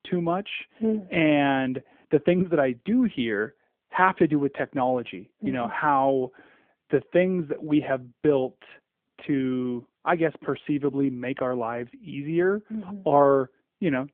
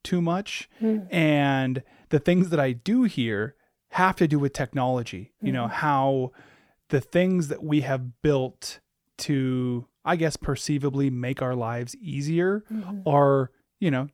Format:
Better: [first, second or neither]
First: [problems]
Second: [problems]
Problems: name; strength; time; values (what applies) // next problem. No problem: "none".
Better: second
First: phone-call audio; nothing above 3.5 kHz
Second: none